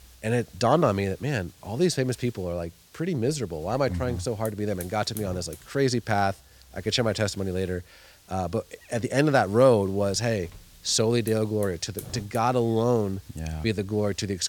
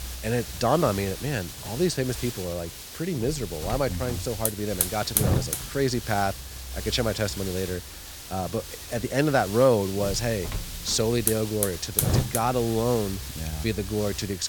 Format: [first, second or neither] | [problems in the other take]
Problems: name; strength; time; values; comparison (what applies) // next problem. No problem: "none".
first | hiss; loud; throughout; 4 dB below the speech; faint in the first